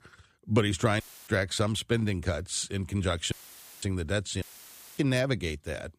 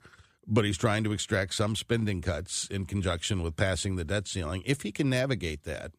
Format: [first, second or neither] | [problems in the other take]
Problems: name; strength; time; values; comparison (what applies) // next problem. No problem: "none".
second | audio cutting out; filled with static; at 1 s, at 3.5 s for 0.5 s and at 4.5 s for 0.5 s